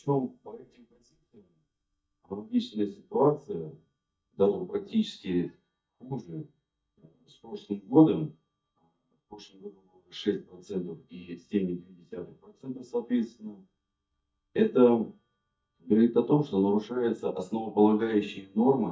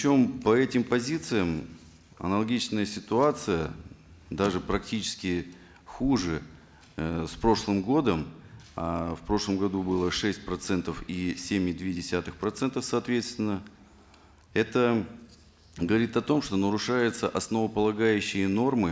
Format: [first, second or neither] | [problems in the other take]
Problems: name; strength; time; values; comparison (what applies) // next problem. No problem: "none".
second | noise reduction (neural mask model DeepFilterNet 3)